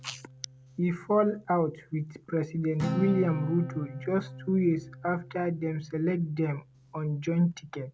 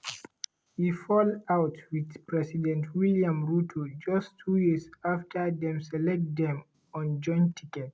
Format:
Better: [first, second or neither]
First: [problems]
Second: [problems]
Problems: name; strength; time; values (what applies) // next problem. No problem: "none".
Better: second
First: background sound (Acoustic guitar); 11 dB below the speech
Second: none